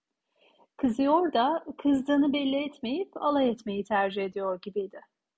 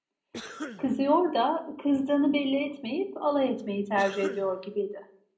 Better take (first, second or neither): first